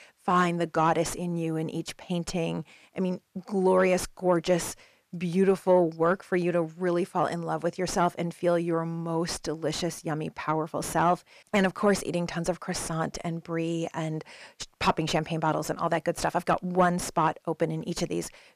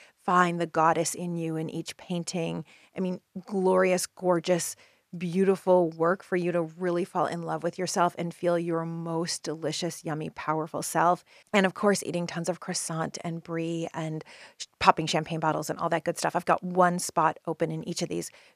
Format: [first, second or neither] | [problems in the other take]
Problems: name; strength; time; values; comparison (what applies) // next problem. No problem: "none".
second | distortion; slight; 10 dB below the speech